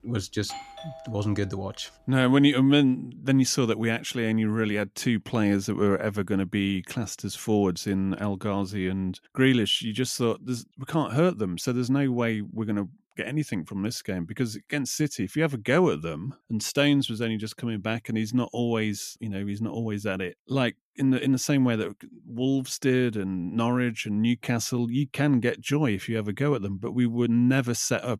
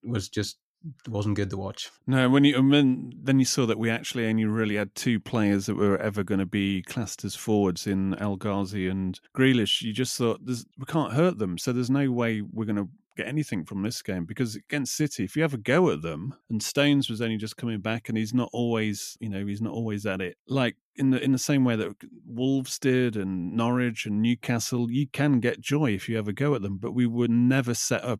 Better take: second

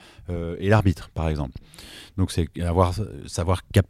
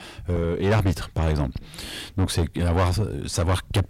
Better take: first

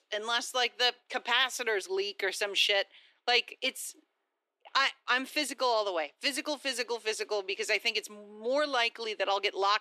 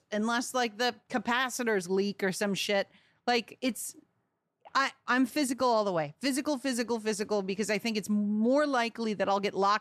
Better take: second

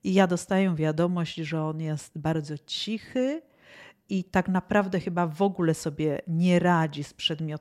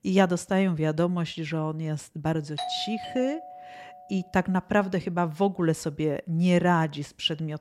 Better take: first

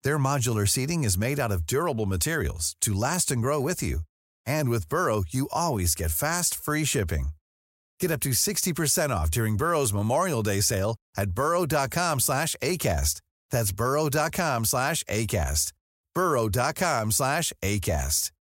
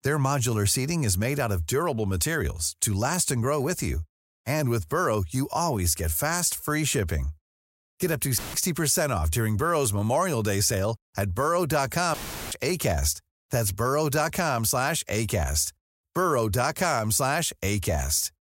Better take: first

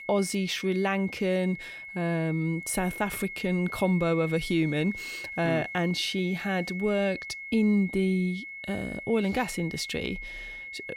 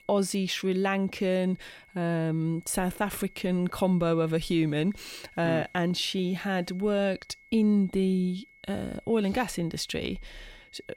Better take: second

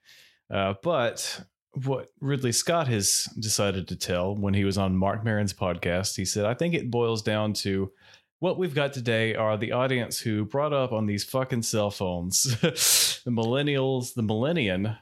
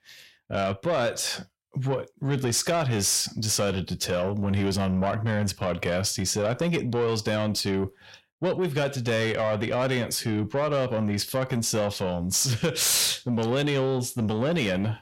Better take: first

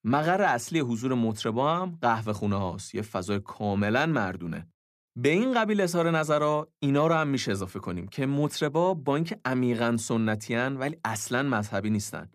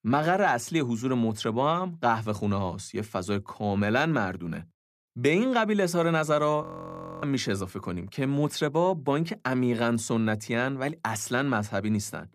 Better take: first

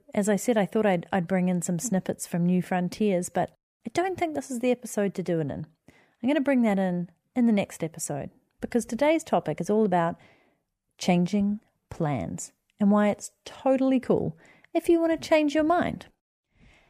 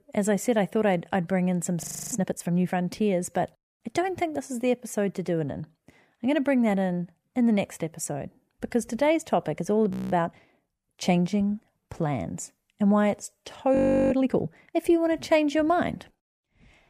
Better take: first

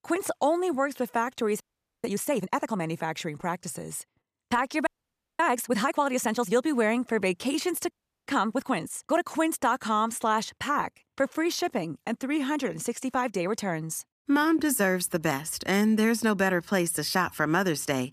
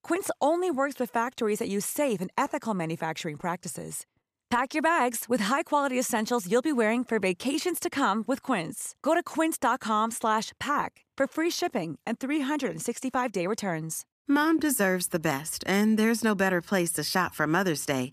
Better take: second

